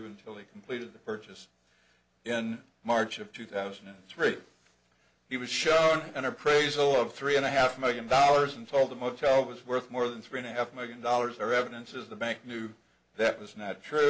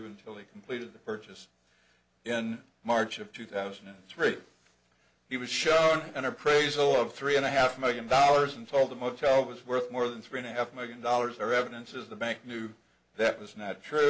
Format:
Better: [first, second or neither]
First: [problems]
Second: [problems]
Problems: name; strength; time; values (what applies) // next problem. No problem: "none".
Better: first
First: none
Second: background sound (Cowbell); 15 dB below the speech